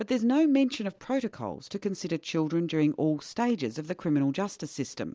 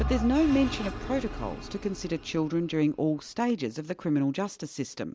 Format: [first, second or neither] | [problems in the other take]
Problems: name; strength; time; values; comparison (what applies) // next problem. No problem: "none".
first | background sound (Engine / Vehicle); 9 dB below the speech